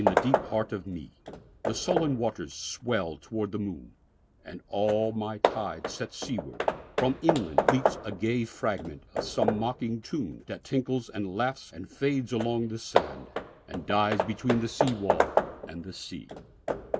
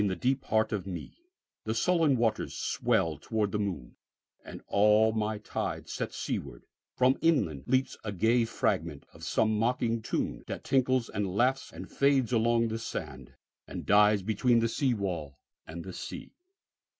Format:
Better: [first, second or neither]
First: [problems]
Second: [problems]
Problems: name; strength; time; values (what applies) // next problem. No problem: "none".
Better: second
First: background sound (Hammer / Wood); 1 dB below the speech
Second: none